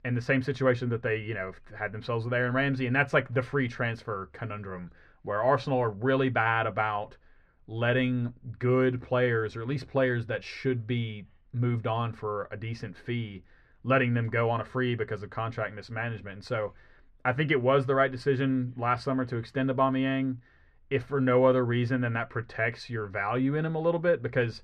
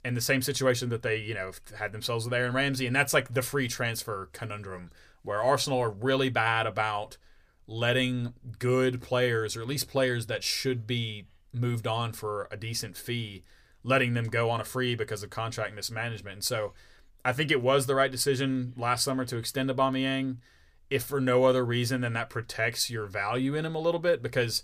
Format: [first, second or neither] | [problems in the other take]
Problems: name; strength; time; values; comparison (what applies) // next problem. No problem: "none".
second | muffled; very; fading above 2 kHz